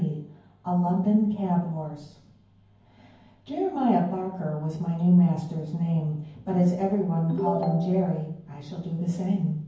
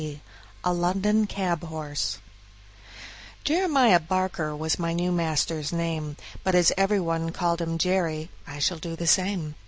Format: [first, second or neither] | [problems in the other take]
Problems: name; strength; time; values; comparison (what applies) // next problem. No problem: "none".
second | background sound (Ringtone / Chime); 7 dB below the speech // room echo; dies away in 0.9 s